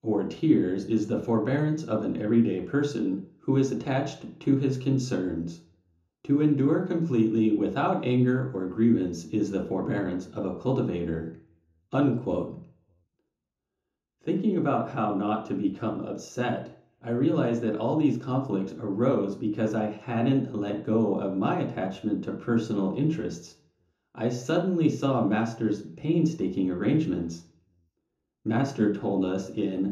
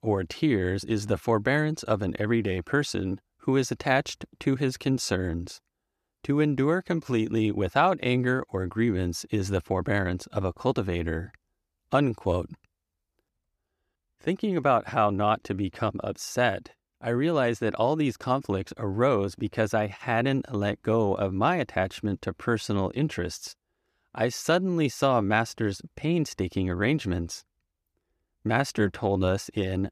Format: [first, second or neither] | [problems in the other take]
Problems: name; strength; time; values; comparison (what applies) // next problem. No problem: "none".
second | room echo; slight; dies away in 0.5 s // off-mic speech; far